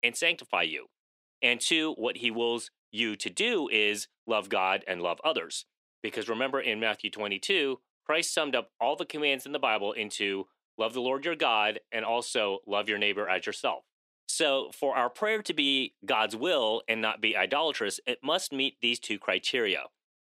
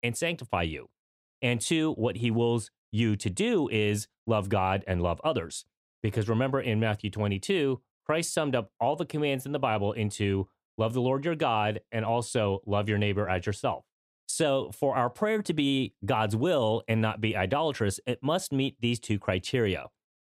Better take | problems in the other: second | thin; somewhat; fading below 300 Hz

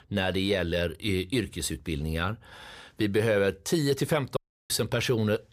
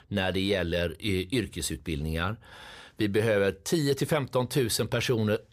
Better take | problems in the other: second | audio cutting out; at 4.5 s

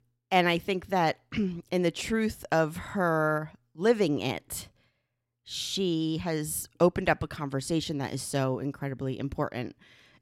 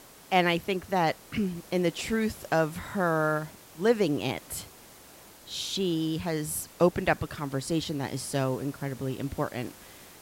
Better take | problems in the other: first | hiss; noticeable; throughout; 20 dB below the speech

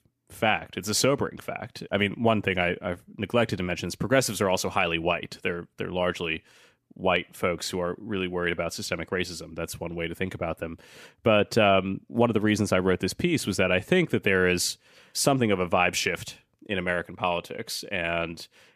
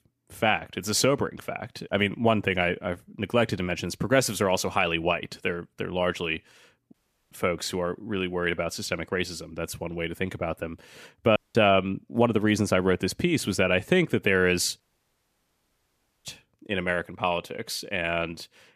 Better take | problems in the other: first | audio cutting out; at 7 s, at 11 s and at 15 s for 1.5 s

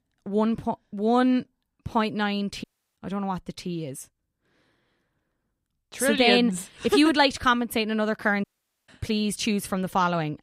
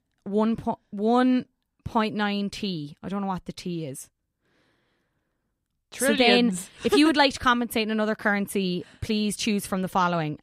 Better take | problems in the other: second | audio cutting out; at 2.5 s and at 8.5 s

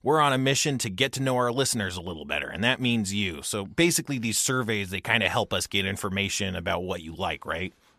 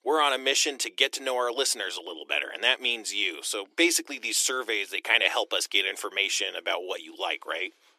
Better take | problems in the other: first | thin; very; fading below 300 Hz

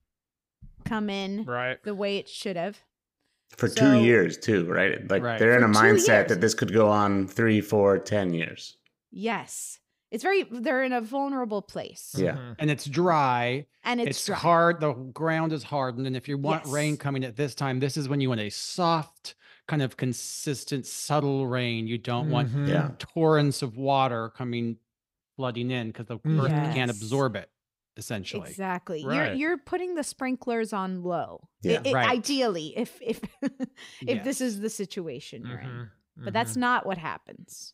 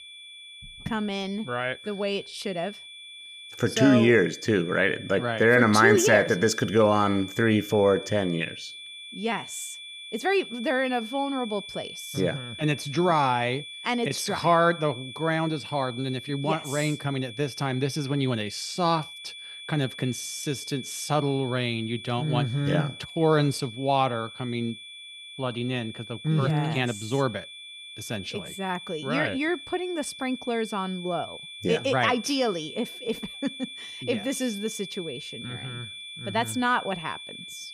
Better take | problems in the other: first | high-pitched whine; noticeable; throughout; 3.5 kHz, 15 dB below the speech

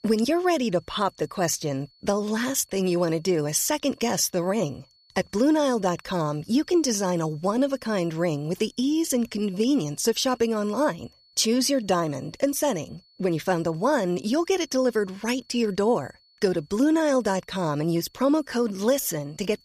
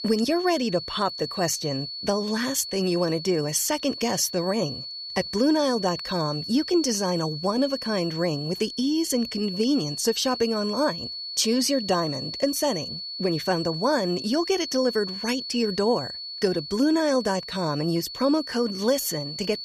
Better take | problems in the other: first | high-pitched whine; loud; throughout; 4.5 kHz, 7 dB below the speech; faint in the first

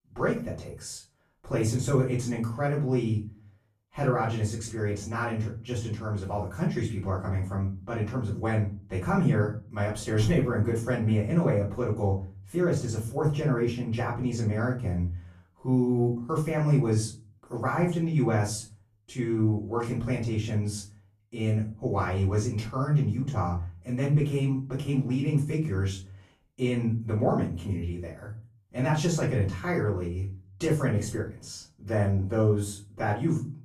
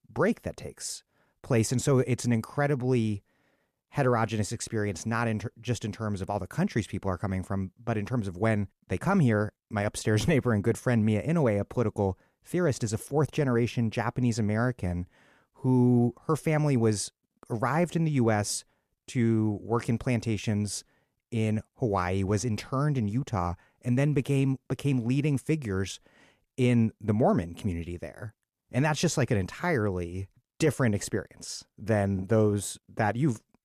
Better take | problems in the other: second | off-mic speech; far // room echo; slight; dies away in 0.3 s

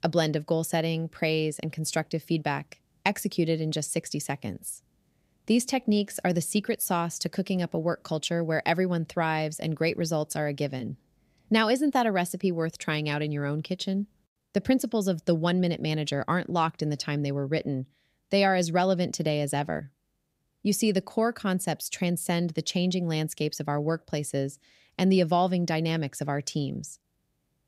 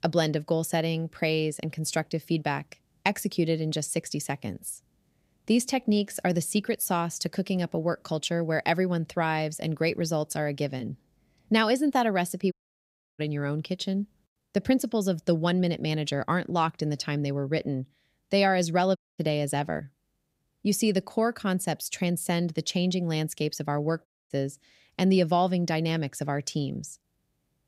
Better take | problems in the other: first | audio cutting out; at 13 s for 0.5 s, at 19 s and at 24 s

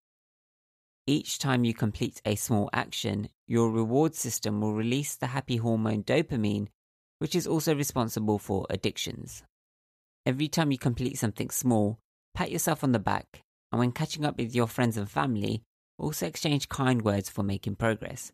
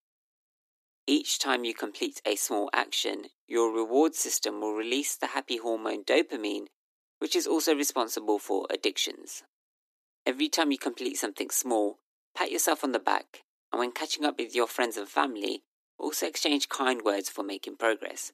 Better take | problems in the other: first | thin; somewhat; fading below 300 Hz

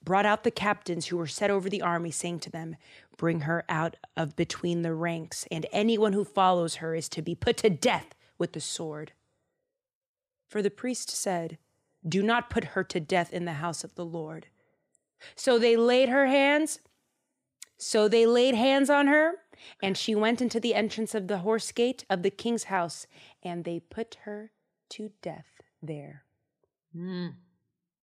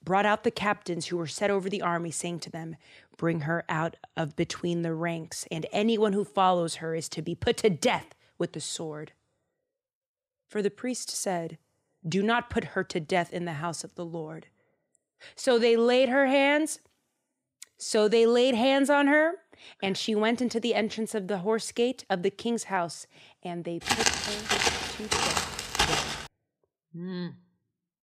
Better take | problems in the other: first | footsteps; loud; from 24 to 26 s; peak 3 dB above the speech

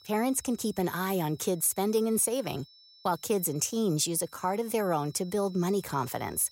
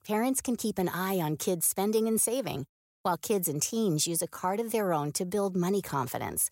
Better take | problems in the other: second | high-pitched whine; faint; throughout; 5.5 kHz, 25 dB below the speech

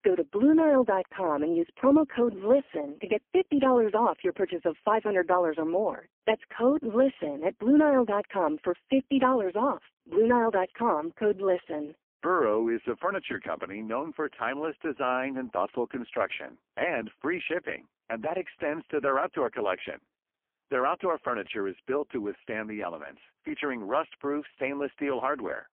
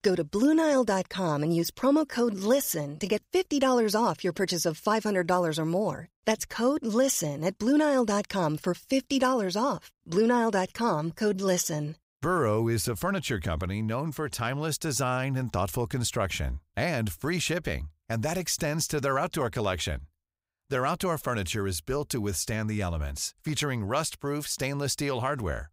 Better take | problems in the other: second | phone-call audio; poor line; nothing above 3 kHz

